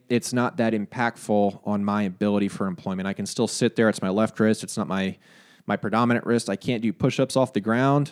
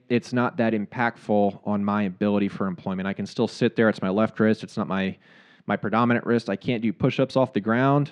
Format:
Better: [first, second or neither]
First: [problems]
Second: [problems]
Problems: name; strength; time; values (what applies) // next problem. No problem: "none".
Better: first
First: none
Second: muffled; slightly; fading above 3 kHz